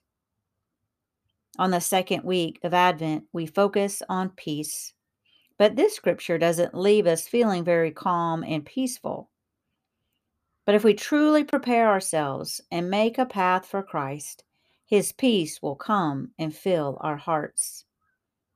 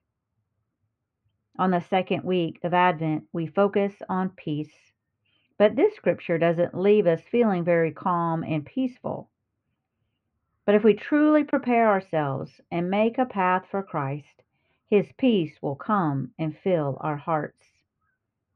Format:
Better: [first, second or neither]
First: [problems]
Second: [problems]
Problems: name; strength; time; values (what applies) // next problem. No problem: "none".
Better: first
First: none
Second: muffled; very; fading above 2.5 kHz